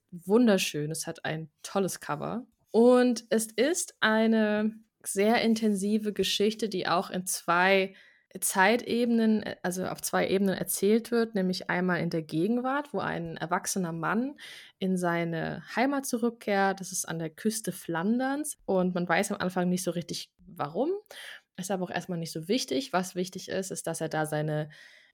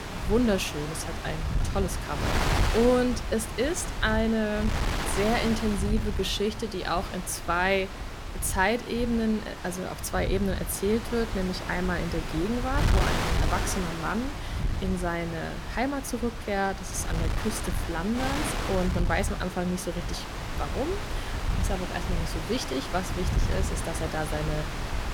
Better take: first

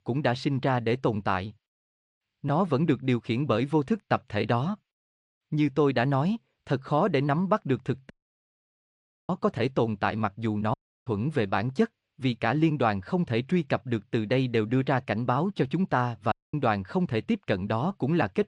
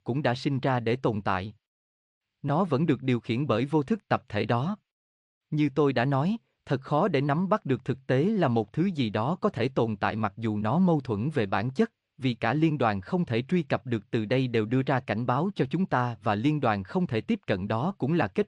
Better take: second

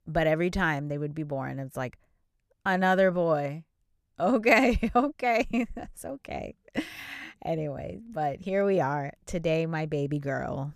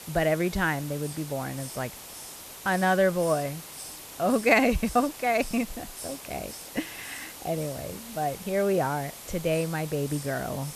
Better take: first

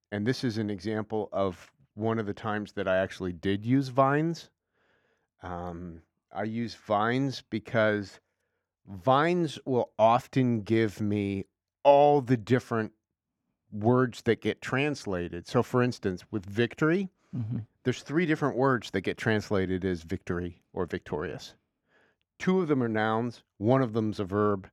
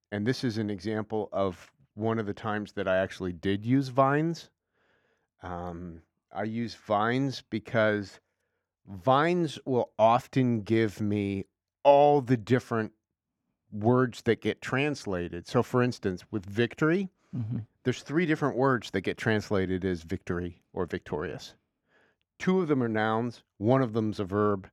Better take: neither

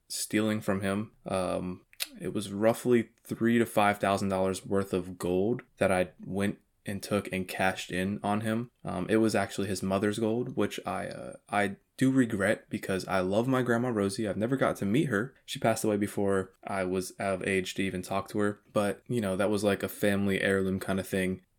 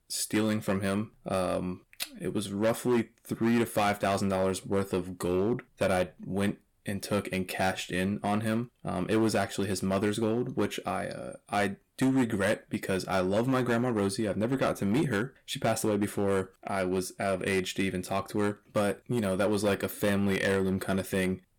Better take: first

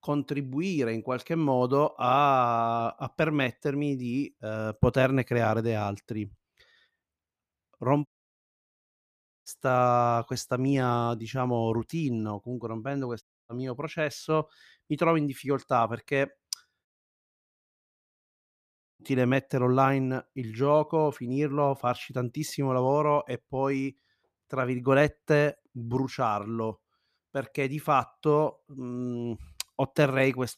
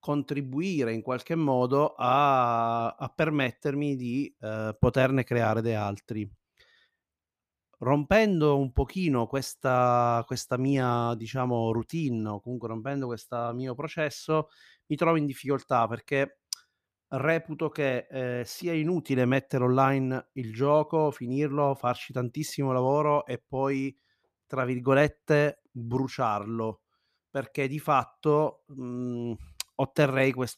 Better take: second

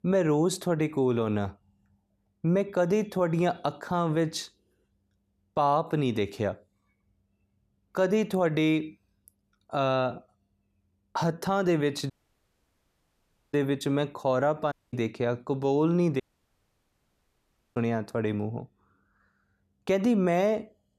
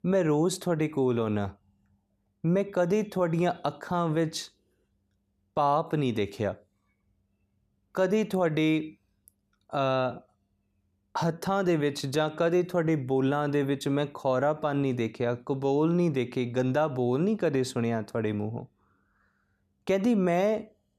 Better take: second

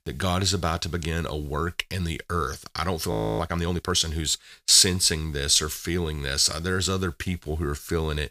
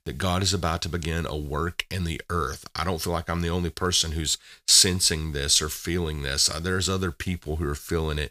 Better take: second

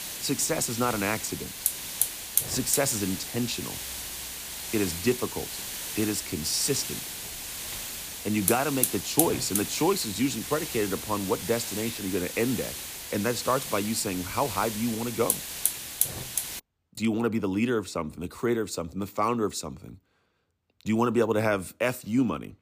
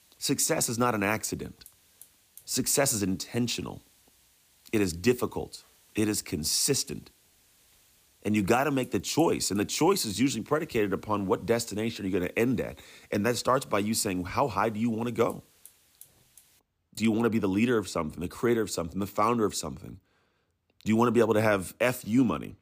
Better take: second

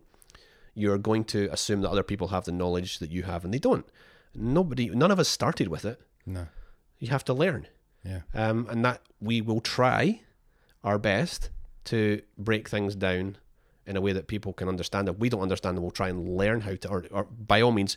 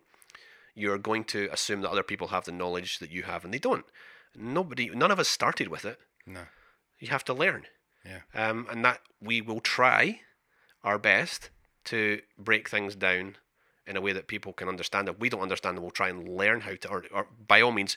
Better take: first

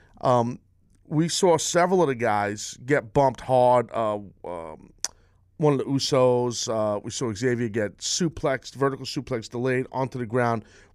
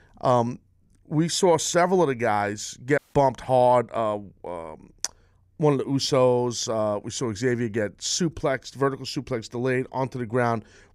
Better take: first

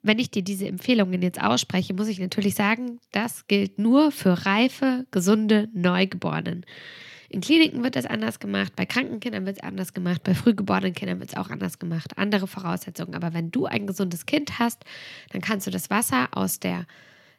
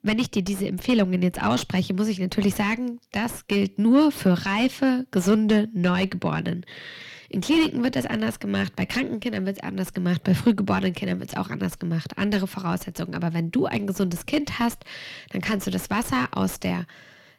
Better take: first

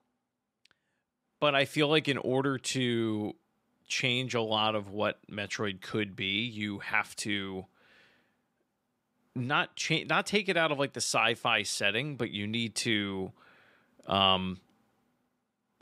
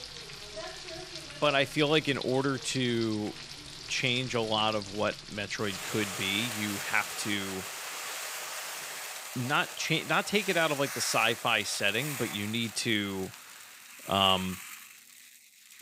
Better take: first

